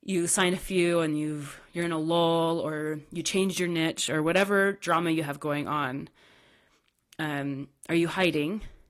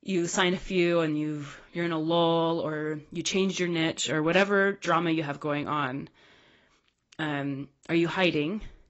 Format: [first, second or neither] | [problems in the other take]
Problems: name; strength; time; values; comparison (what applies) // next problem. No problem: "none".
first | garbled, watery; badly; nothing above 8 kHz; slightly in the first